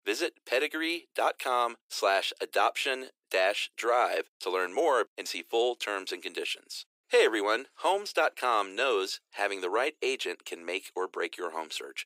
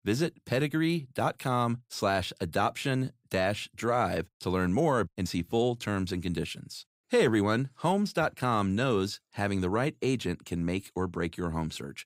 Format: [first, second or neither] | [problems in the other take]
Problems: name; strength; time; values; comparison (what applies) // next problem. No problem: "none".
second | thin; very; fading below 350 Hz